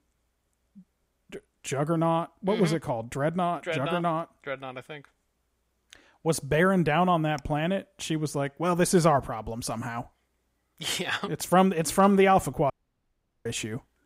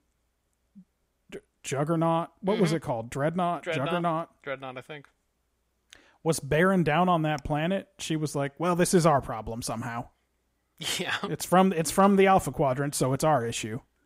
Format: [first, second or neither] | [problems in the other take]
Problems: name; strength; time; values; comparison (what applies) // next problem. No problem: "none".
second | audio cutting out; at 13 s for 1 s